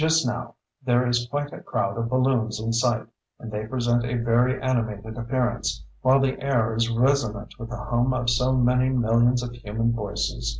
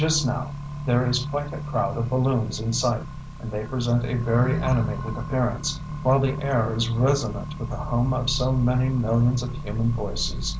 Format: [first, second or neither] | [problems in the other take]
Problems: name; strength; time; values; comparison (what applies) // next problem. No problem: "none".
first | background sound (Accelerating, revving, vroom); 7 dB below the speech